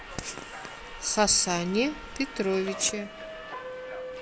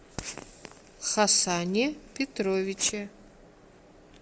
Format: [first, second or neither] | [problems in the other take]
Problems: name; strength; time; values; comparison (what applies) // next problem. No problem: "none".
second | background sound (Subway, metro, underground); 11 dB below the speech